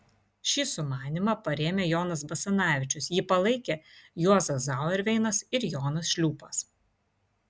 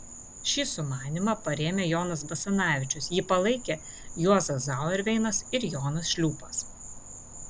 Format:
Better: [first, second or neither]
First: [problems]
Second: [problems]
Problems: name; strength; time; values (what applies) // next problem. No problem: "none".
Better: first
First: none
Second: background sound (Insect); 13 dB below the speech